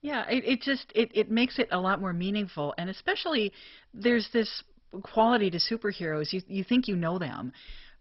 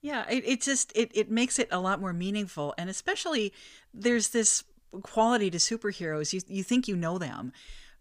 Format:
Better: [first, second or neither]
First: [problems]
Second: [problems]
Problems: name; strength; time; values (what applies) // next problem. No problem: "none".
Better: second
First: garbled, watery; badly; nothing above 5.5 kHz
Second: none